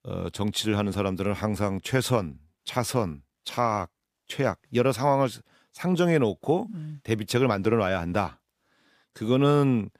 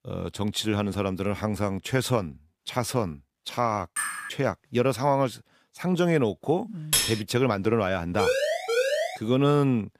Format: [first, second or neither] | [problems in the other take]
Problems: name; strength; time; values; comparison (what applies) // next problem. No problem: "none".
first | clattering dishes; noticeable; at 4 s; peak 3 dB below the speech // clattering dishes; loud; at 7 s; peak 3 dB above the speech // siren; loud; at 8 s; peak 2 dB above the speech